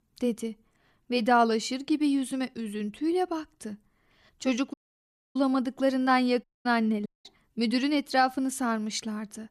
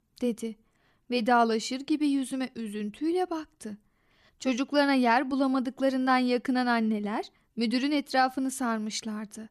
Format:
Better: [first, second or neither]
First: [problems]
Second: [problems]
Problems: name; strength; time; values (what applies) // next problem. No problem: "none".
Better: second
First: audio cutting out; at 4.5 s for 0.5 s, at 6.5 s and at 7 s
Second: none